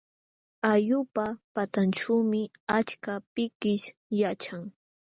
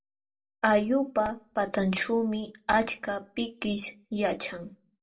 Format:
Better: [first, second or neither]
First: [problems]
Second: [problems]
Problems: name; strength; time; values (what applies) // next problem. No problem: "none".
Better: first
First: none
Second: room echo; dies away in 0.2 s